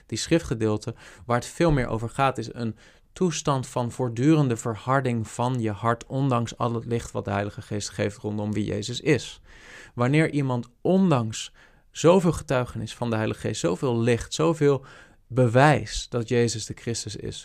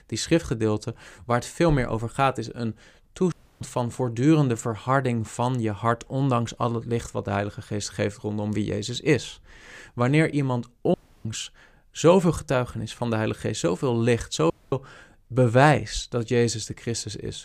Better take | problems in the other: first | audio cutting out; at 3.5 s, at 11 s and at 15 s

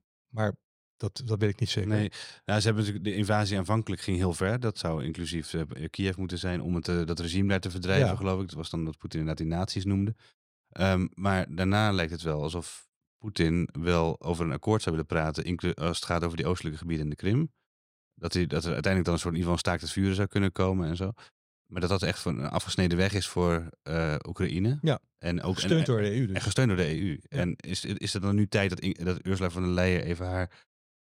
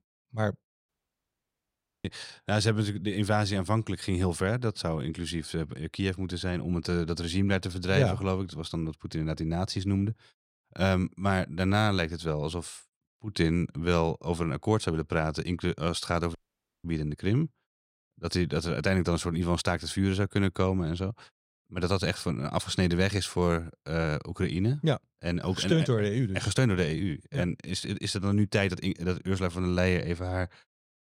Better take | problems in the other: first | audio cutting out; at 1 s for 1 s and at 16 s

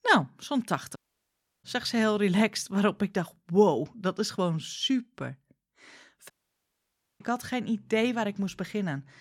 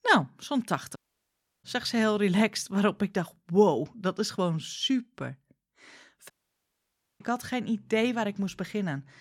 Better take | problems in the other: neither | audio cutting out; at 1 s for 0.5 s and at 6.5 s for 1 s; the same in both

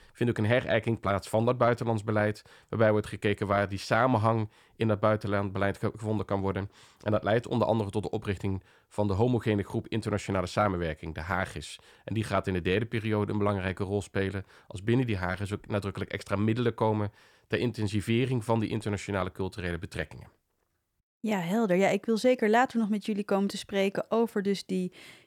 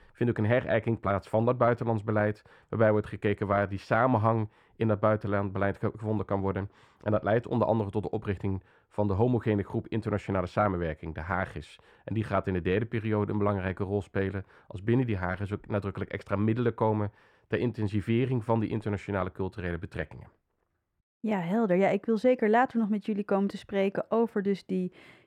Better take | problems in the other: first | muffled; slightly; fading above 3 kHz

